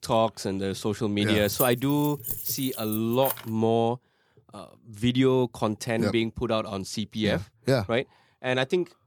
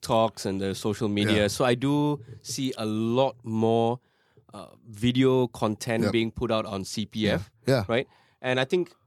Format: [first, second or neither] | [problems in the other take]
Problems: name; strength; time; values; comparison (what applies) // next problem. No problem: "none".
second | jangling keys; noticeable; from 1.5 to 3.5 s; peak 3 dB below the speech